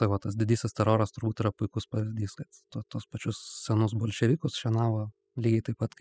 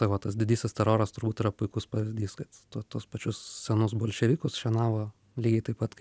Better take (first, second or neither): second